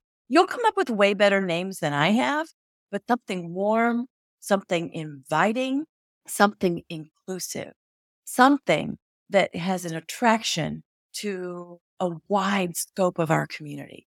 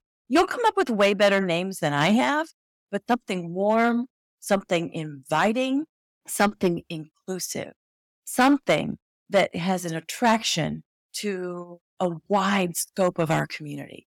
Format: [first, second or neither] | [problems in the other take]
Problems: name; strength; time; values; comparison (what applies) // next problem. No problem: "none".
first | distortion; slight; 1.7% of the sound clipped